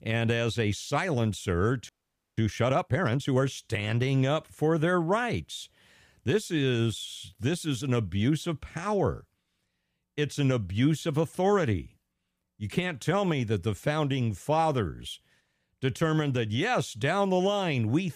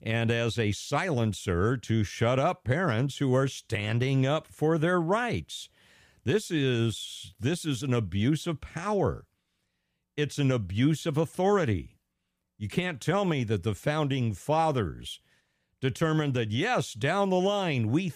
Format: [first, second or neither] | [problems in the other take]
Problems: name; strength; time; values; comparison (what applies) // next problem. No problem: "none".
second | audio freezing; at 2 s